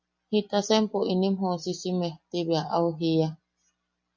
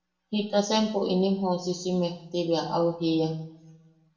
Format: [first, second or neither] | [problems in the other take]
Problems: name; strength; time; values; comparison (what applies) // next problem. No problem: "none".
first | room echo; dies away in 0.6 s